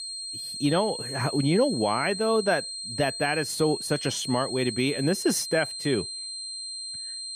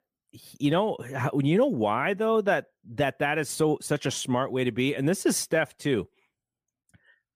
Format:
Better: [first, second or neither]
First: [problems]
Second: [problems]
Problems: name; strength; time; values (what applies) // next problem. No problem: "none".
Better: second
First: high-pitched whine; loud; throughout; 4 kHz, 7 dB below the speech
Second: none